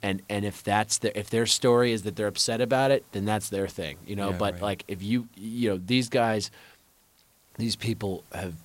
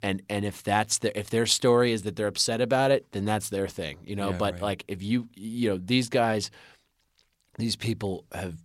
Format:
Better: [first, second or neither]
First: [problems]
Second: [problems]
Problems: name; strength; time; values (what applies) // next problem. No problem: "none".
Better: second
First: hiss; faint; throughout; 30 dB below the speech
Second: none